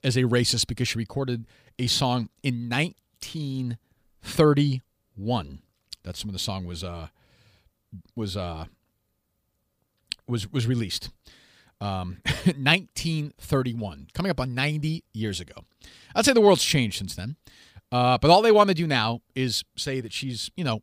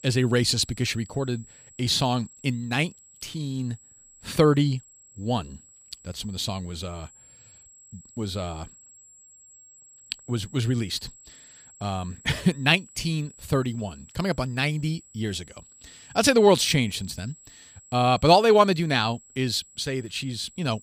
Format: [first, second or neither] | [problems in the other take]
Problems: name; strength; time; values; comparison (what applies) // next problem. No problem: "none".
first | high-pitched whine; faint; throughout; 7.5 kHz, 25 dB below the speech